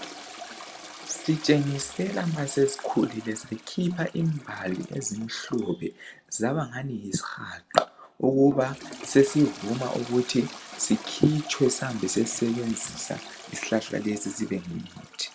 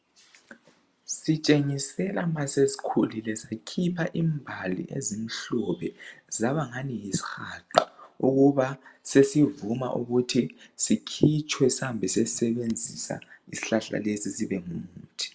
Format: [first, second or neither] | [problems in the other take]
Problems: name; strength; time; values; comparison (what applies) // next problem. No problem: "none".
second | background sound (Toilet flush); 16 dB below the speech